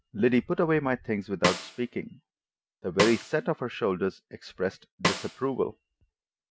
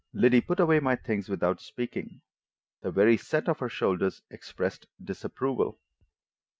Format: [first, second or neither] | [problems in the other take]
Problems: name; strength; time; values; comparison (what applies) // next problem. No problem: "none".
second | background sound (Snare drum); 5 dB below the speech